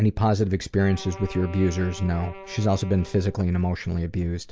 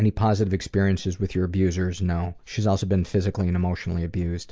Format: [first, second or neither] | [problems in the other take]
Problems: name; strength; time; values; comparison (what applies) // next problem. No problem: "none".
second | background sound (Wind instrument, woodwind instrument); 19 dB below the speech